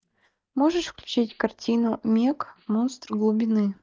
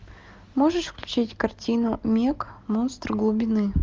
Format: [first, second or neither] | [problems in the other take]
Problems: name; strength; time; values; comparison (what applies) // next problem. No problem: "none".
second | noise reduction (neural mask model DeepFilterNet 3)